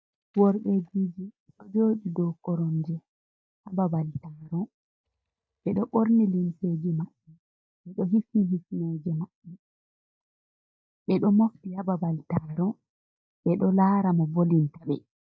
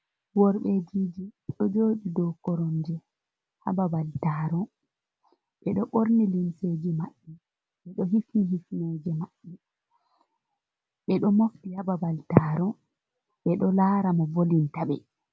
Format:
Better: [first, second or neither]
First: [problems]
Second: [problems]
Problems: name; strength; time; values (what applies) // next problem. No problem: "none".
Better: second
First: noise reduction (neural mask model DeepFilterNet 3)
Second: none